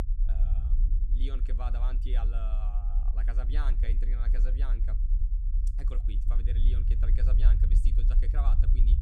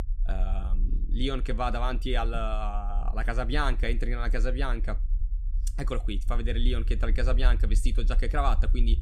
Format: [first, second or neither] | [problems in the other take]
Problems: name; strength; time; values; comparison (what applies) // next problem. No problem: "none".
second | low rumble; loud; throughout; 4 dB below the speech; faint in the second